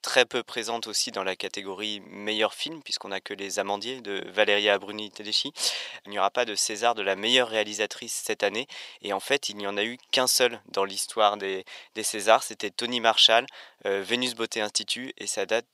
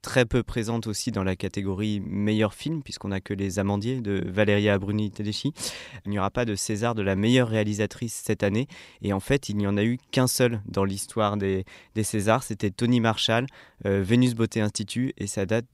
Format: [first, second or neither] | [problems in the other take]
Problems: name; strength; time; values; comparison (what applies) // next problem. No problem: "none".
second | thin; very; fading below 600 Hz